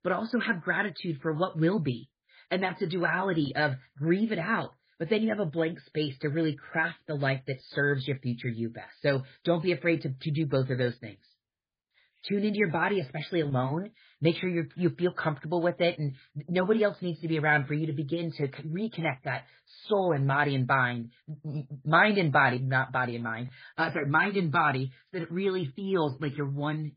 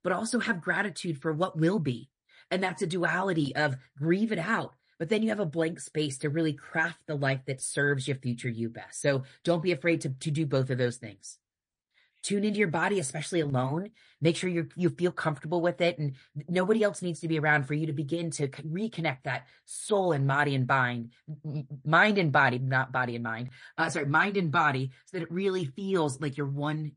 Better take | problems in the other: second | garbled, watery; badly; nothing above 4.5 kHz; slightly in the second

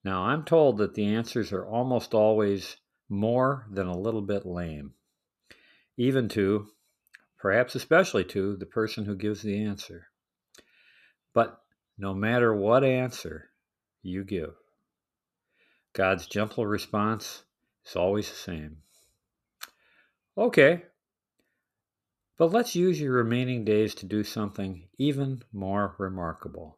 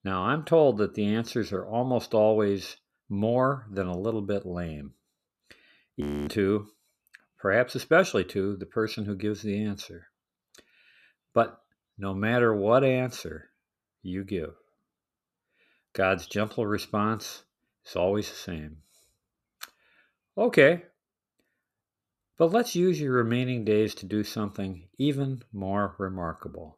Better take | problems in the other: first | audio freezing; at 6 s

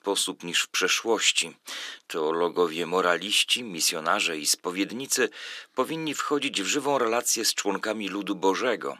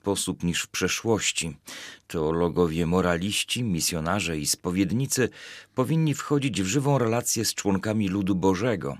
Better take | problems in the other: second | thin; somewhat; fading below 300 Hz

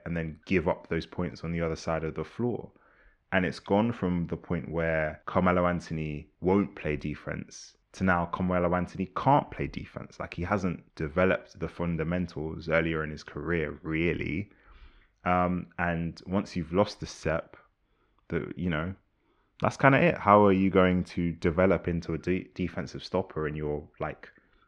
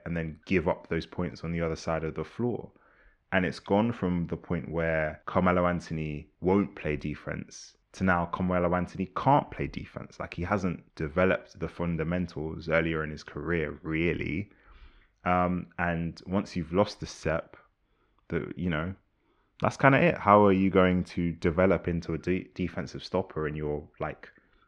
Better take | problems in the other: neither | muffled; slightly; fading above 2 kHz; the same in both

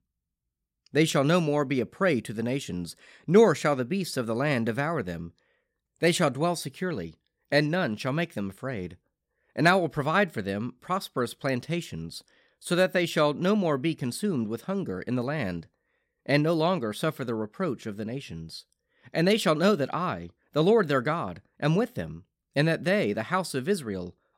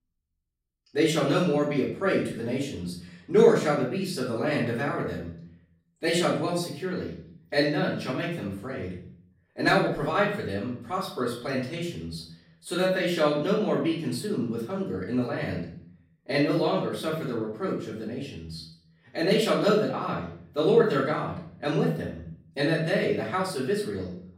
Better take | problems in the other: first | off-mic speech; far // room echo; noticeable; dies away in 0.5 s

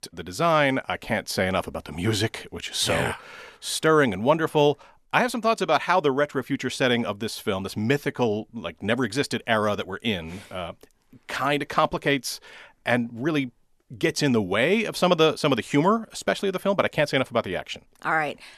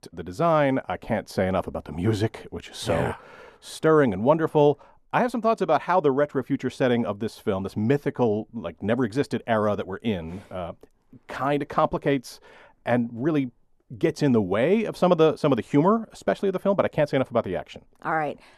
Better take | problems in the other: first | muffled; slightly; fading above 1.5 kHz

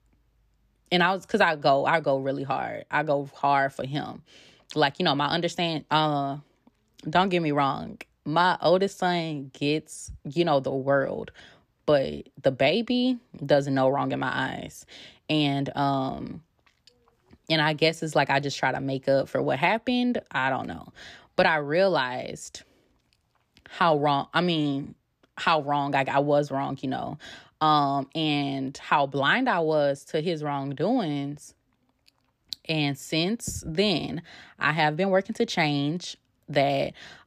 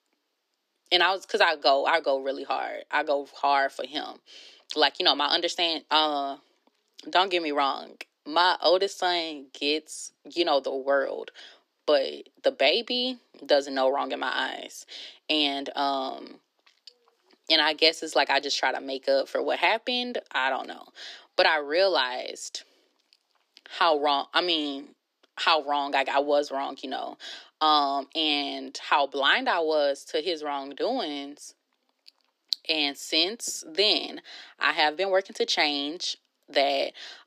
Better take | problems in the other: first | thin; somewhat; fading below 300 Hz

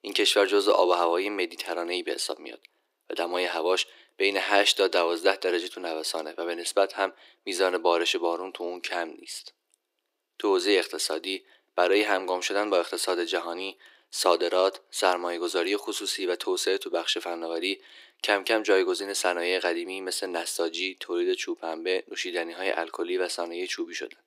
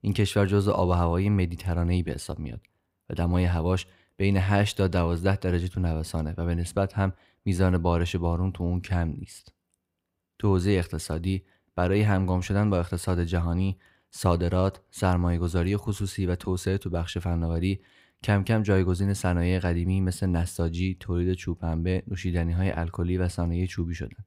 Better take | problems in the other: second | thin; very; fading below 300 Hz

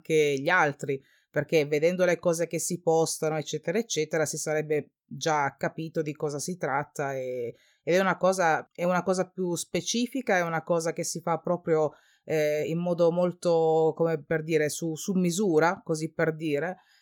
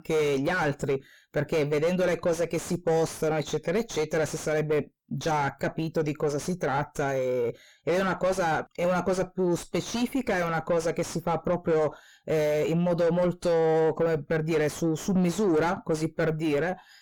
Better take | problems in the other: first | distortion; heavy; 5 dB below the speech

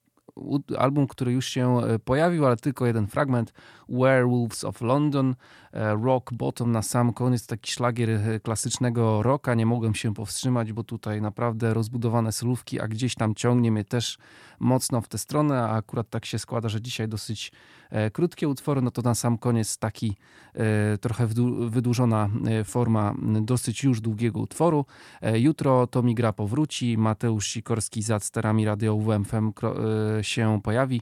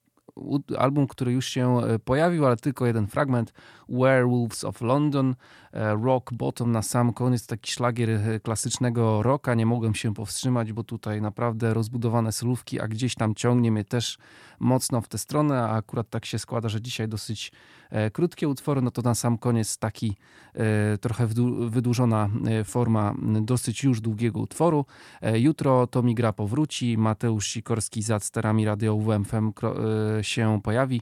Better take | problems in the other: neither | none

